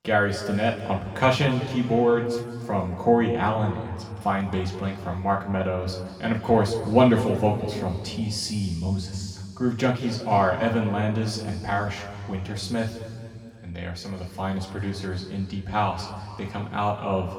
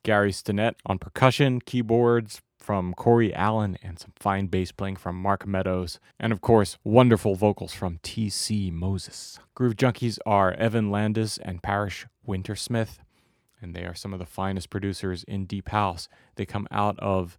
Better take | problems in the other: second | room echo; noticeable; dies away in 2.2 s // off-mic speech; far

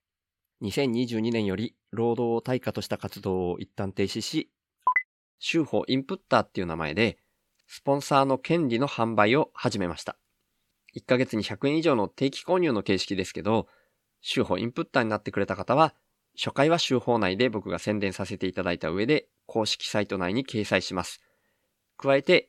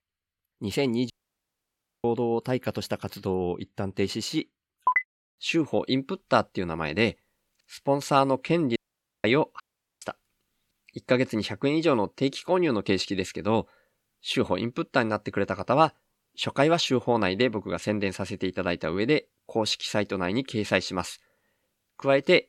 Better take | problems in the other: first | audio cutting out; at 1 s for 1 s, at 9 s and at 9.5 s

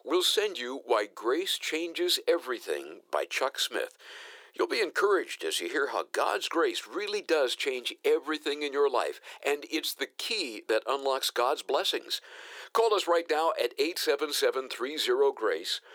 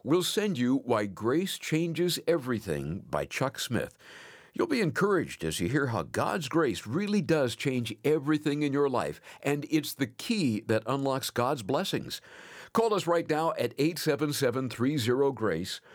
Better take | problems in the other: second | thin; very; fading below 350 Hz

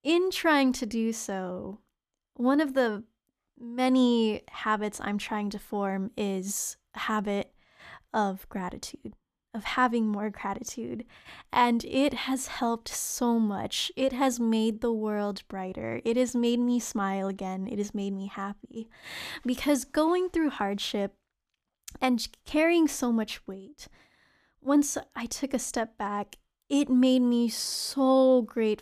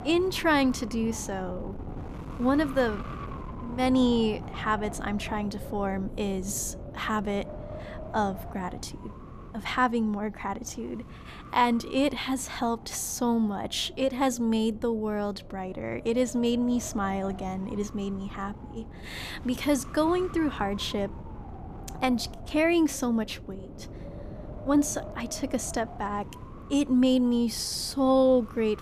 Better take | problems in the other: first | wind noise on the microphone; occasional gusts; 15 dB below the speech

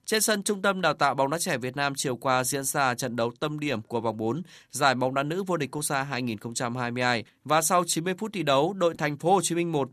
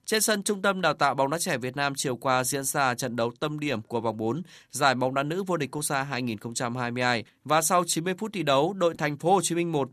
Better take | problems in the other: neither | none

